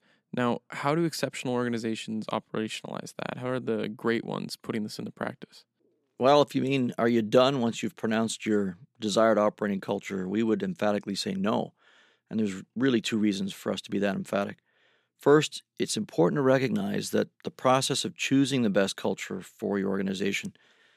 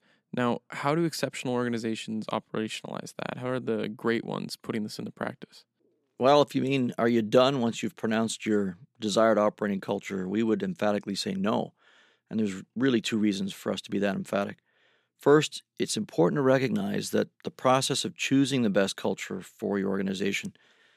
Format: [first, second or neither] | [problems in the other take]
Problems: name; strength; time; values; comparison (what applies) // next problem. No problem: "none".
neither | none